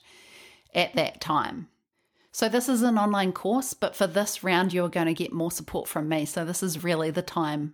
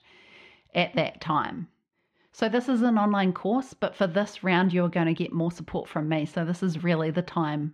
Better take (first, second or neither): first